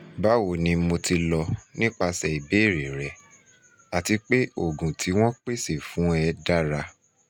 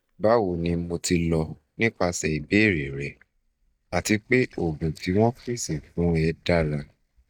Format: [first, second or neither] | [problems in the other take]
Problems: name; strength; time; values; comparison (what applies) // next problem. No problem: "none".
first | noise reduction (neural mask model DeepFilterNet 3)